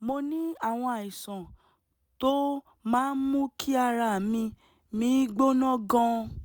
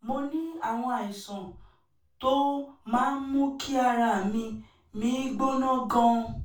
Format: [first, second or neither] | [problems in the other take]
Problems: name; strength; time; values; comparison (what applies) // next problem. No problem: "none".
first | room echo; dies away in 0.3 s